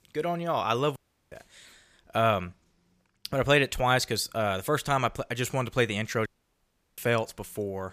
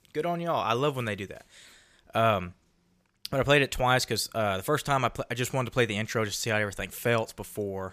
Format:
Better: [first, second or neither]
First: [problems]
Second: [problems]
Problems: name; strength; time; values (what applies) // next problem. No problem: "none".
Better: second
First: audio cutting out; at 1 s and at 6.5 s for 0.5 s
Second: none